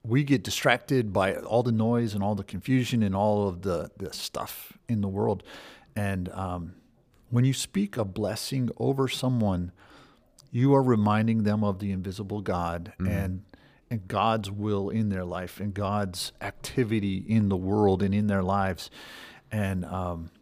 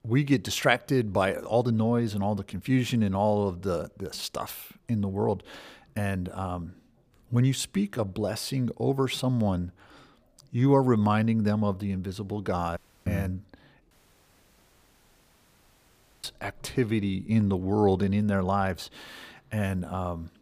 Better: first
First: none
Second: audio cutting out; at 13 s and at 14 s for 2.5 s

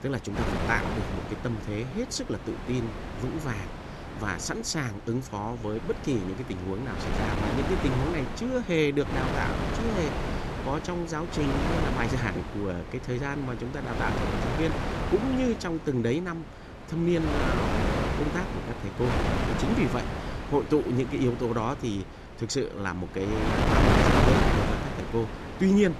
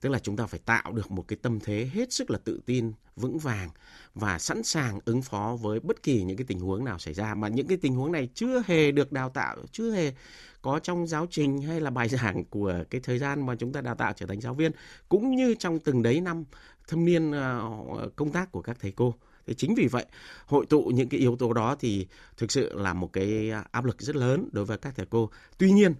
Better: second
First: wind noise on the microphone; heavy; as loud as the speech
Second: none

